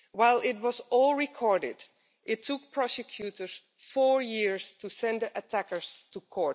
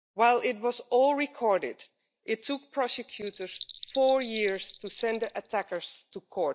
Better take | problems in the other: first | noise reduction (neural mask model DeepFilterNet 3)

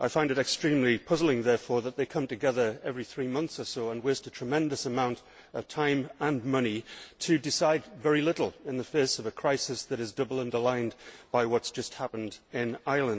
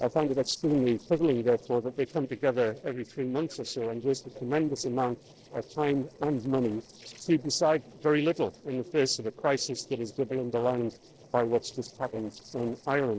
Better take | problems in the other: first | noise reduction (neural separator model SepFormer DNS4)

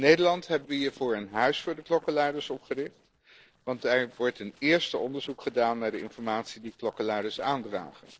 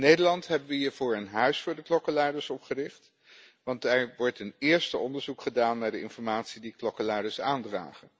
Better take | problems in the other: second | noise reduction (neural separator model SepFormer DNS4)

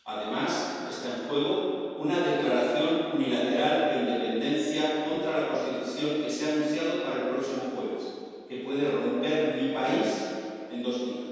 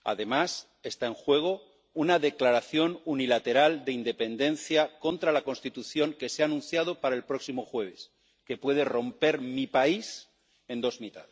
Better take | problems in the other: second | room echo; dies away in 2.1 s

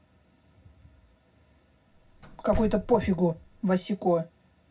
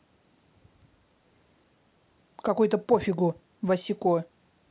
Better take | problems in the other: second | background sound (Slam); 8 dB below the speech // room echo; dies away in 0.4 s

